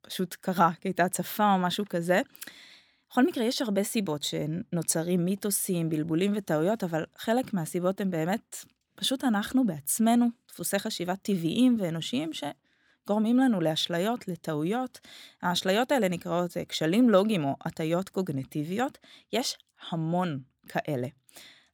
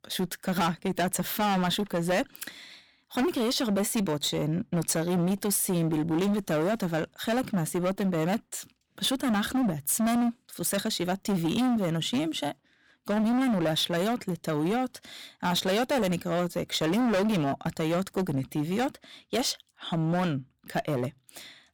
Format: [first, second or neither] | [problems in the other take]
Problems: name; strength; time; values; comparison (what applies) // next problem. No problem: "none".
first | distortion; heavy; 18% of the sound clipped